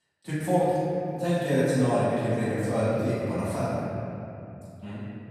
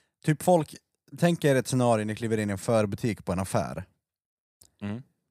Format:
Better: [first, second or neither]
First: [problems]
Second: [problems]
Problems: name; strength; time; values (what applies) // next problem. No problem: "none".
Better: second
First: off-mic speech; far // room echo; strong; dies away in 2.8 s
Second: none